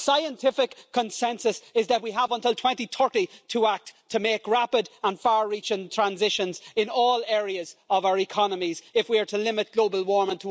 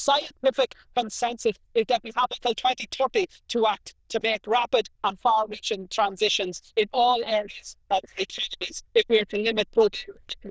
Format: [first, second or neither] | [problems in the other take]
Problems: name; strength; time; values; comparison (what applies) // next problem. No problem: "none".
first | noise reduction (neural diffusion model UNIVERSE++)